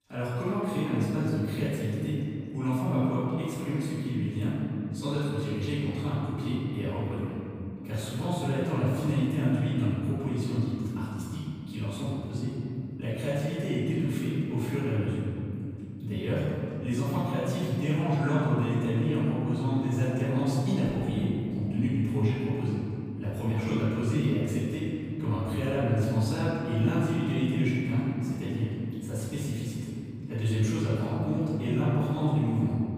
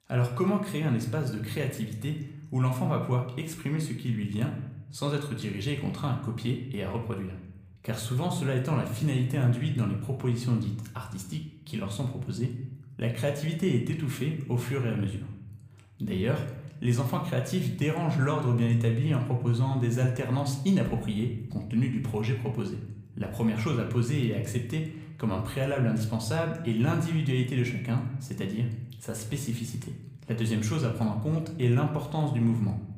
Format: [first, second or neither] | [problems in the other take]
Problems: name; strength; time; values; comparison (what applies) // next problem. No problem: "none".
second | room echo; strong; dies away in 2.9 s; slight in the second // off-mic speech; far